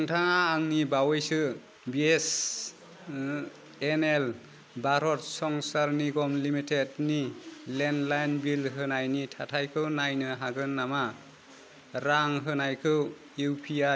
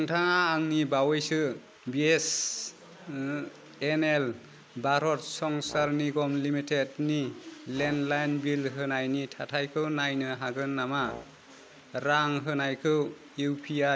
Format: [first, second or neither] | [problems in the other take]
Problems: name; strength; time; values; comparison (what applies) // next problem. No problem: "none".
first | background sound (Brass instrument); 20 dB below the speech